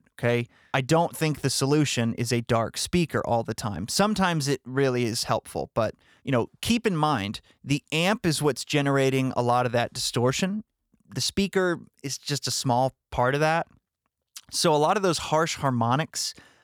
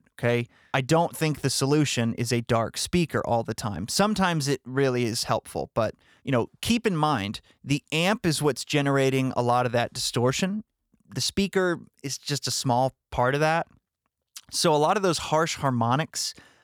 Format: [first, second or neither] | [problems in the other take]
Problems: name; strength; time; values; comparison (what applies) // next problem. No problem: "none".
neither | none